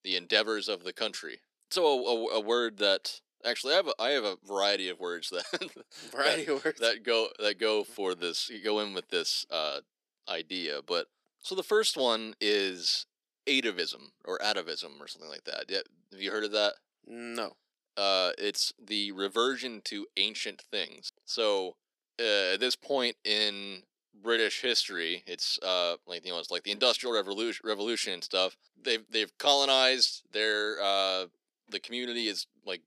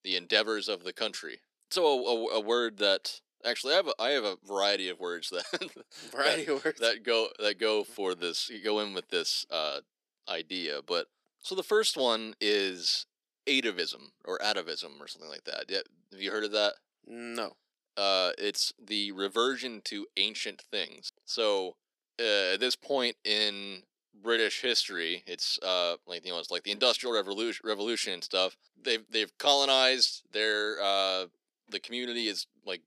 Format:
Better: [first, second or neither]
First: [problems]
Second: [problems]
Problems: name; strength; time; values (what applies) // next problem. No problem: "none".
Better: neither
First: thin; somewhat; fading below 300 Hz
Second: thin; somewhat; fading below 300 Hz